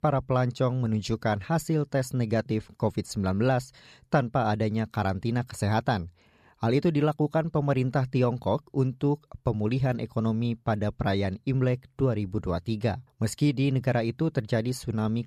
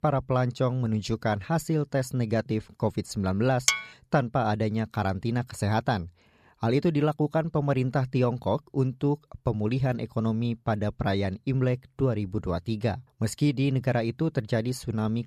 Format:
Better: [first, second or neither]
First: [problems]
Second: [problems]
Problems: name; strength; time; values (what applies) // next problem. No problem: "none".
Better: first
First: none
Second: clattering dishes; loud; at 3.5 s; peak 2 dB above the speech